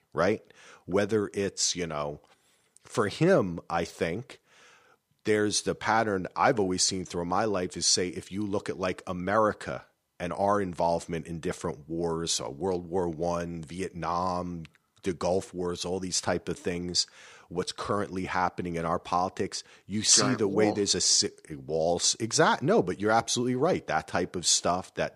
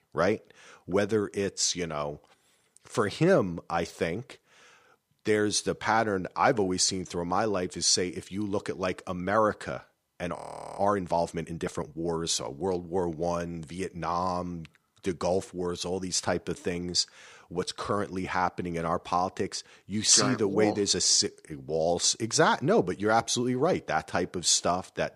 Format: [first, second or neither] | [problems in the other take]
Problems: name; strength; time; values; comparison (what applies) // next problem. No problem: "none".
first | audio freezing; at 10 s